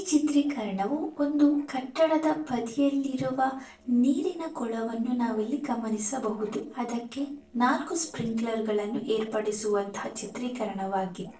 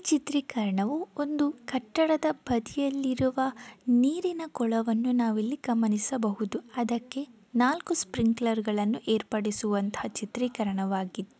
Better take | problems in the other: second | noise reduction (neural separator model SepFormer DNS4)

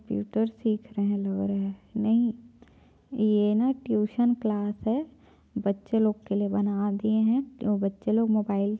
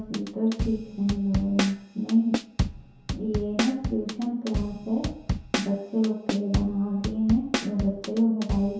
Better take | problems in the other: first | background sound (Drum kit); 5 dB below the speech // room echo; dies away in 0.7 s

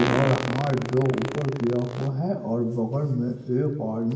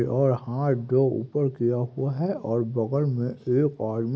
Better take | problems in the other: second | background sound (Fart); 8 dB below the speech // room echo; dies away in 0.9 s

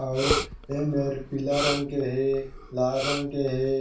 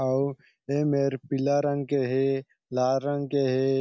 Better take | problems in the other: second | background sound (Respiratory sounds); 6 dB below the speech // room echo; dies away in 0.4 s

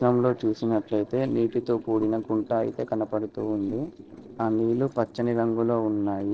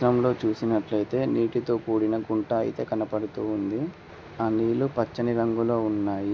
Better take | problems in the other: second | noise reduction (neural separator model SepFormer DNS4)

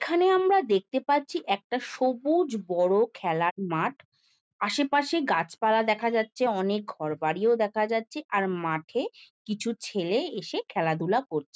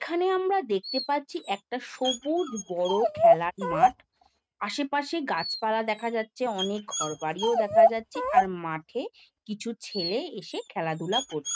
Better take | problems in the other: first | noise reduction (neural mask model RNNoise)

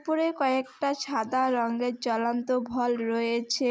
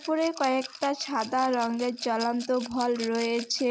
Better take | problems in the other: first | background sound (Rattle / Glass); 15 dB below the speech

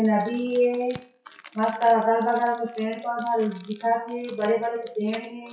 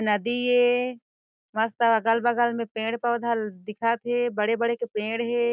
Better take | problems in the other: second | noise reduction (classical method WPE with log-MMSE)

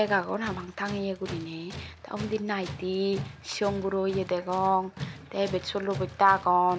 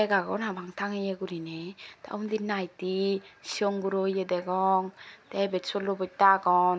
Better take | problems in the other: second | background sound (Tools); 13 dB below the speech

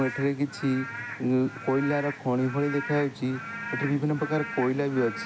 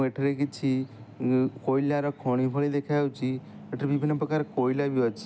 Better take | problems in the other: second | background sound (Rain / Frog); 11 dB below the speech

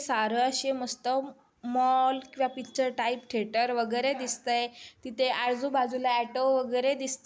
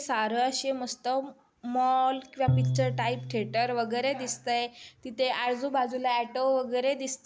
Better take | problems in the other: first | background sound (Bowed string instrument); 5 dB below the speech

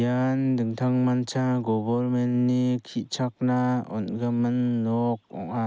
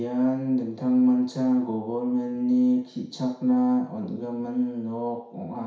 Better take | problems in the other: first | room echo; dies away in 0.6 s

